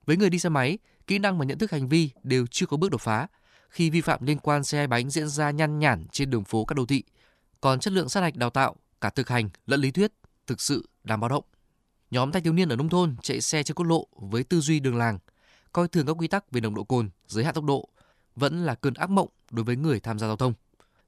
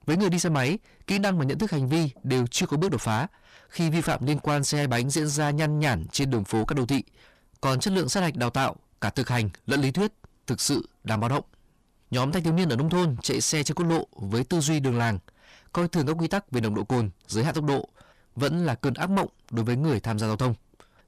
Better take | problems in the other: first | distortion; heavy; 8 dB below the speech

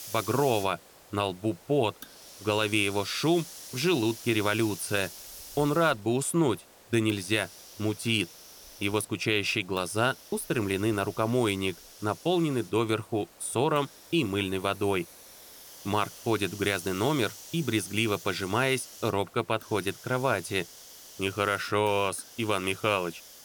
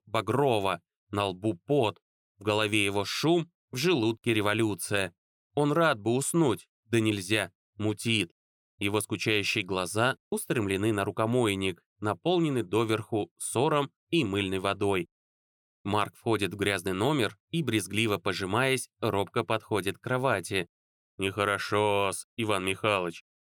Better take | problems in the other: second | hiss; noticeable; throughout; 15 dB below the speech

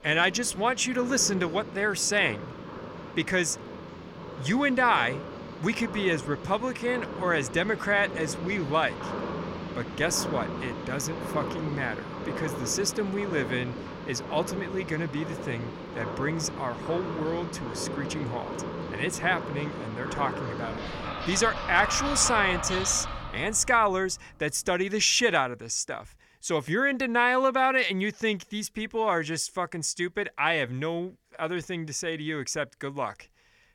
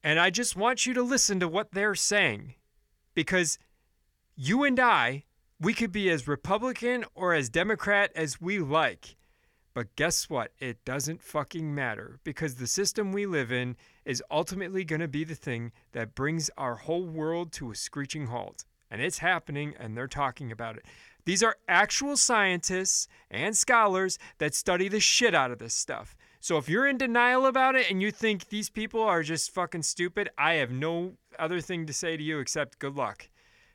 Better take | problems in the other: second | animal sounds; loud; until 23 s; 9 dB below the speech

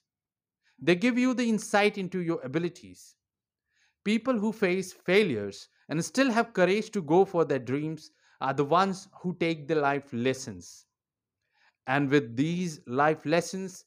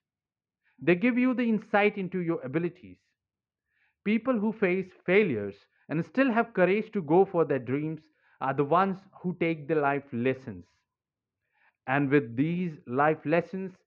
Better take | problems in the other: first | muffled; very; fading above 2.5 kHz

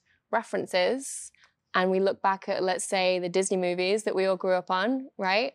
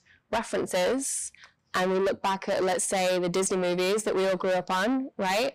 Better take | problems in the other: first | distortion; heavy; 7 dB below the speech

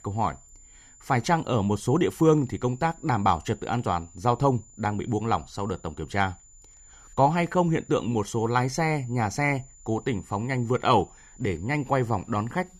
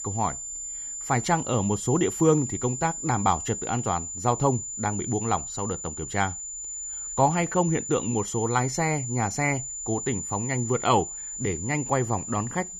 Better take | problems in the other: first | high-pitched whine; loud; throughout; 7 kHz, 6 dB below the speech; faint in the first

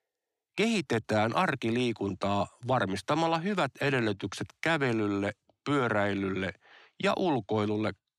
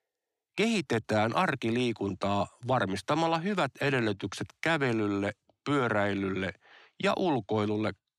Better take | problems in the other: neither | none

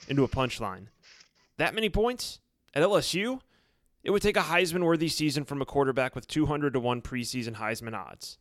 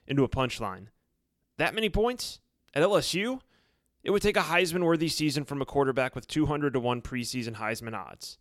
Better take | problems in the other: second | household noises; faint; throughout; 30 dB below the speech

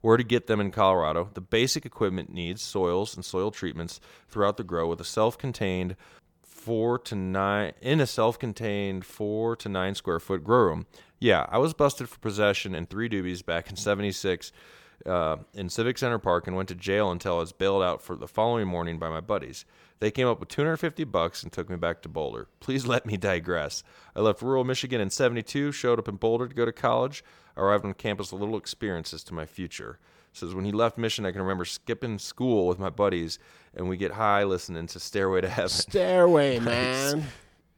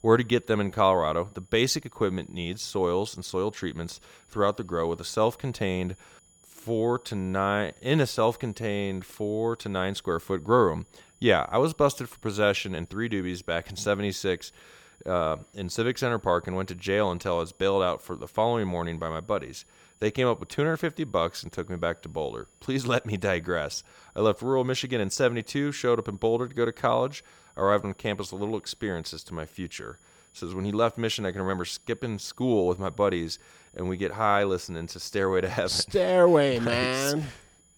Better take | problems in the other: first | high-pitched whine; faint; throughout; 7 kHz, 30 dB below the speech

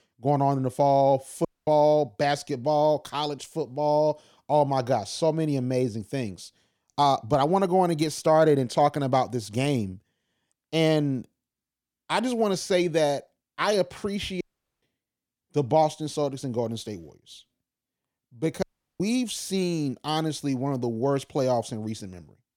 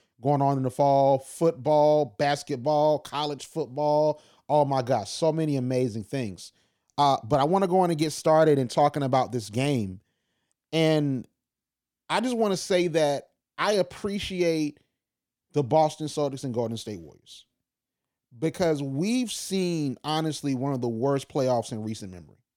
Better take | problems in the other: second | audio cutting out; at 1.5 s, at 14 s and at 19 s

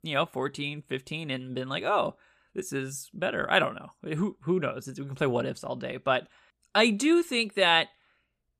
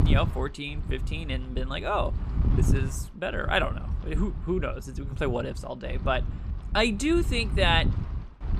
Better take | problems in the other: first | wind noise on the microphone; occasional gusts; 15 dB below the speech

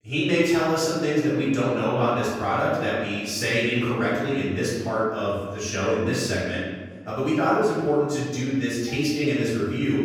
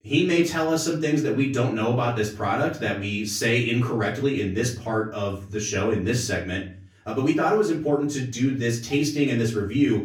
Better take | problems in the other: second | room echo; strong; dies away in 1.3 s; slight in the second // off-mic speech; far; far in the second

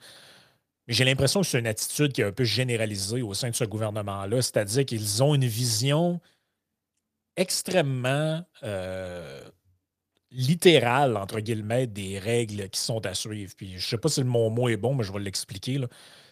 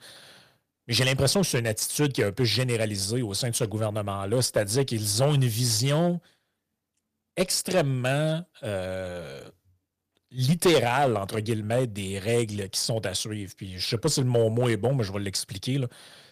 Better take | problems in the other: first | distortion; slight; 2% of the sound clipped

